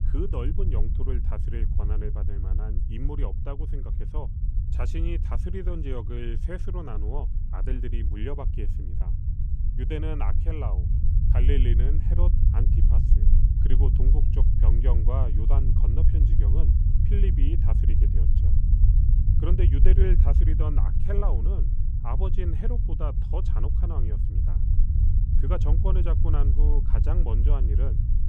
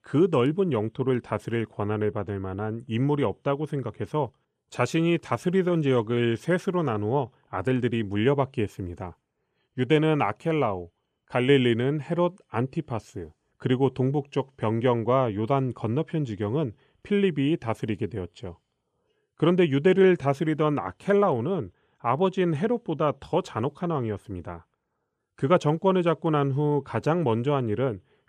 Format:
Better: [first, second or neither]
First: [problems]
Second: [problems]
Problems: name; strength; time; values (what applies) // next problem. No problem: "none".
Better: second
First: low rumble; loud; throughout; 4 dB below the speech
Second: none